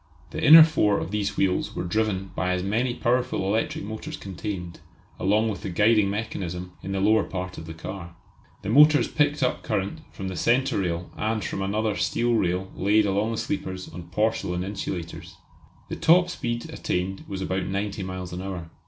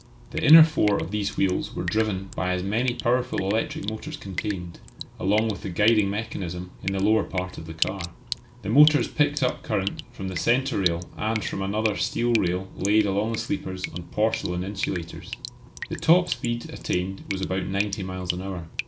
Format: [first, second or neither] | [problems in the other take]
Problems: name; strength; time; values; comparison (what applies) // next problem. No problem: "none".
first | background sound (Drip); 12 dB below the speech